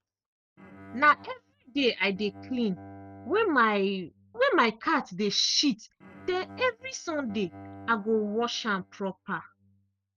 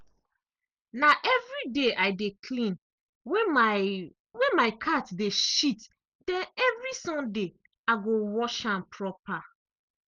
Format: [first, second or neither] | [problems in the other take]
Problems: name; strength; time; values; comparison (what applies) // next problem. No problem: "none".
second | noise reduction (neural mask model RNNoise)